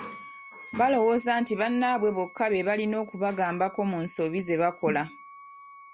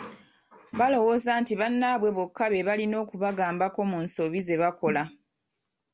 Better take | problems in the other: second | background sound (Wind instrument, woodwind instrument); 20 dB below the speech

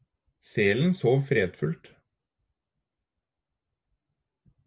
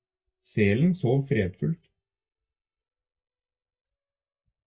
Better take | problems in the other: first | noise reduction (neural mask model DeepFilterNet 3)

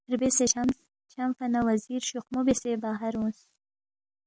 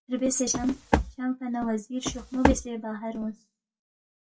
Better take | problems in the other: first | noise reduction (classical method WPE with log-MMSE)

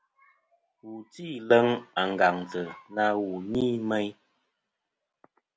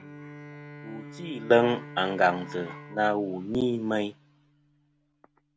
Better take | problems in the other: first | background sound (Bowed string instrument); 17 dB below the speech

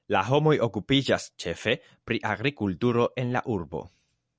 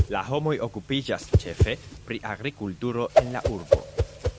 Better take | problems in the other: first | background sound (Whoosh, swoosh, swish); 4 dB above the speech

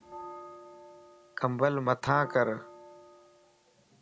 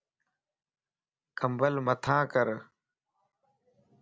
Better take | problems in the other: second | background sound (Bell); 16 dB below the speech

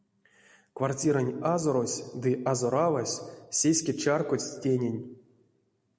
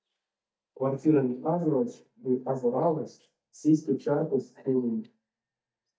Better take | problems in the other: first | noise reduction (neural mask model DeepFilterNet 3)

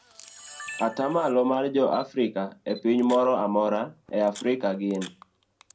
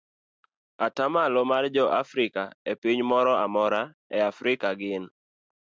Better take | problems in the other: second | background sound (Camera); 20 dB below the speech // room echo; dies away in 0.2 s

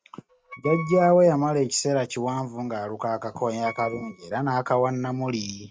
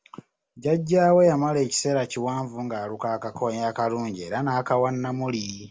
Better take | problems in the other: second | noise reduction (neural mask model RNNoise)

